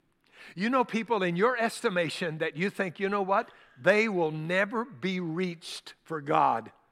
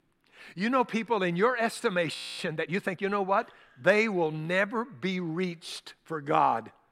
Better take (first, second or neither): first